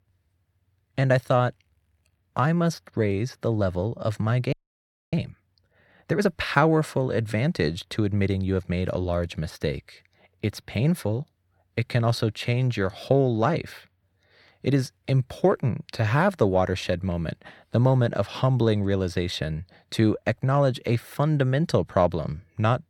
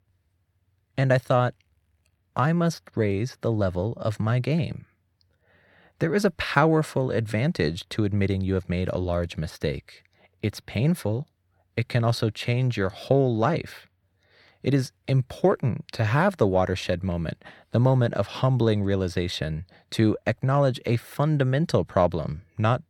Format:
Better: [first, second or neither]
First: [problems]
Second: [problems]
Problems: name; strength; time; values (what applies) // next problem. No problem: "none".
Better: second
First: audio freezing; at 4.5 s for 0.5 s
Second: none